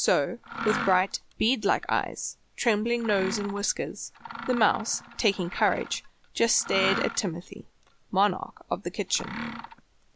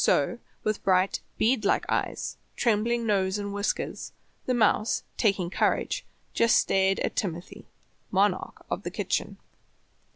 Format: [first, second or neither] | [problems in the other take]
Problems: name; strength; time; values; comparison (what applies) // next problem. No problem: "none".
second | background sound (Mechanisms); 11 dB below the speech